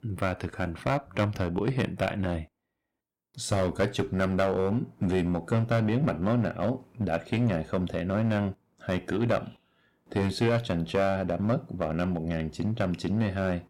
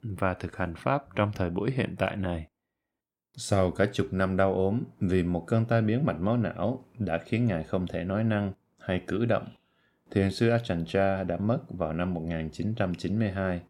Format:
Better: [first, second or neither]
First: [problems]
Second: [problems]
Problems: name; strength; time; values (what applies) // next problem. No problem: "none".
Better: second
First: distortion; slight; 5% of the sound clipped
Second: none